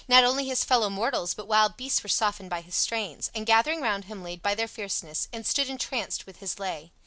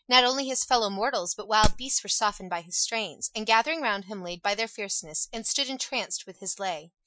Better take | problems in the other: first | noise reduction (classical method Wiener filter)

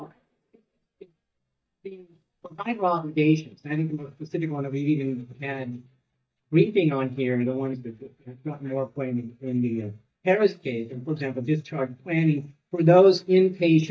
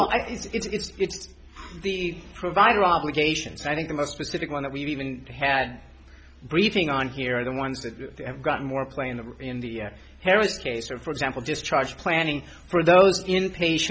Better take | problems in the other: second | noise reduction (neural mask model DeepFilterNet 3)

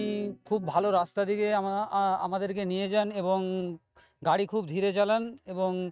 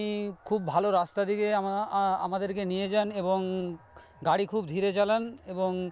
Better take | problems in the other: second | noise reduction (neural mask model RNNoise)

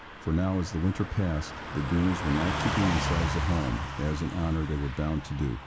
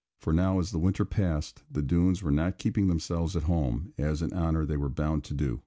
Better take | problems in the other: second | background sound (Car passing by / Truck); 5 dB below the speech

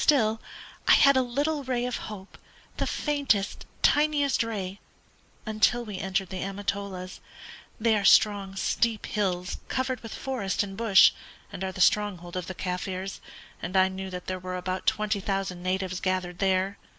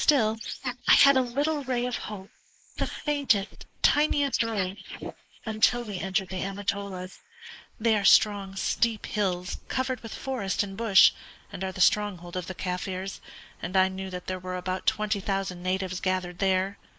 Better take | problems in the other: first | noise reduction (neural mask model Resemble Enhance denoiser)

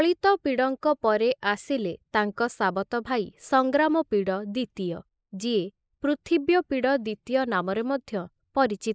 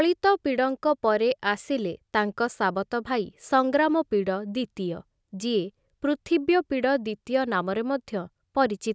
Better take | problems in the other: second | noise reduction (neural mask model Resemble Enhance denoiser)

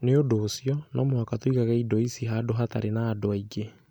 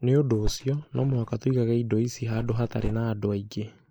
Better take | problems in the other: first | noise reduction (neural mask model Resemble Enhance denoiser)

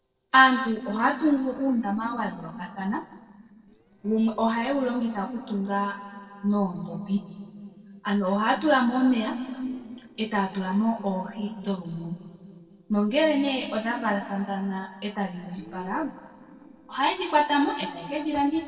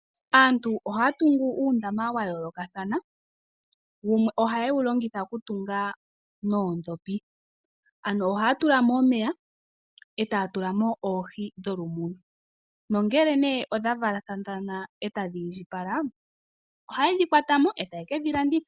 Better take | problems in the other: second | noise reduction (neural separator model SepFormer DNS4)

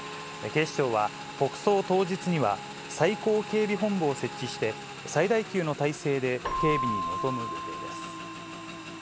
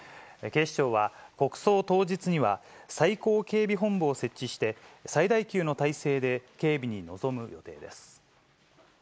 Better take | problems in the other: second | background sound (Keyboard (musical) + Motorcycle / Engine); 8 dB below the speech

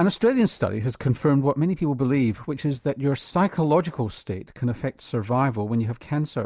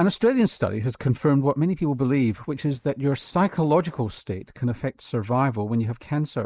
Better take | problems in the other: first | noise reduction (neural mask model Resemble Enhance denoiser)

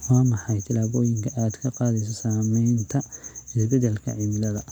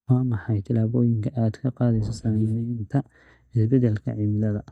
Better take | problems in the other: first | noise reduction (neural mask model DeepFilterNet 3)

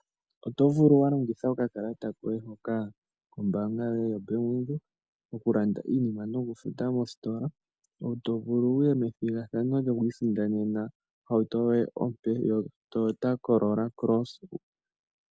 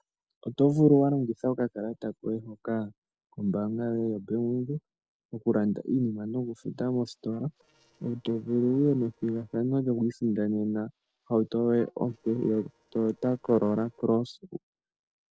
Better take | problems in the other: first | noise reduction (neural separator model SepFormer DNS4)

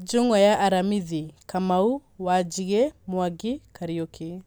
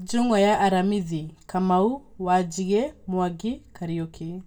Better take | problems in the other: first | room echo; dies away in 0.2 s

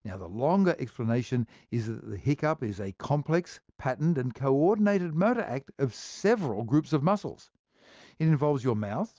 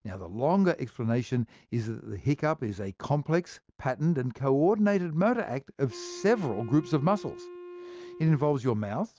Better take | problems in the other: first | background sound (Wind instrument, woodwind instrument); 16 dB below the speech

